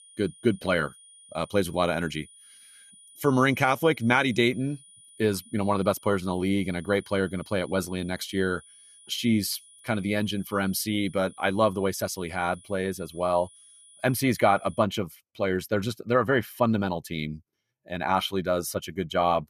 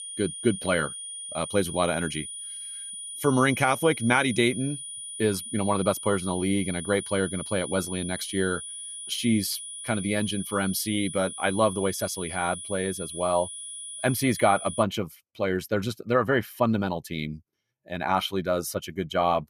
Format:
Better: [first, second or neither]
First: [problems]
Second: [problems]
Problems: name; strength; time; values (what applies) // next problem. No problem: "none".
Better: first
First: high-pitched whine; faint; until 15 s; 10 kHz, 25 dB below the speech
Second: high-pitched whine; loud; until 15 s; 10 kHz, 8 dB below the speech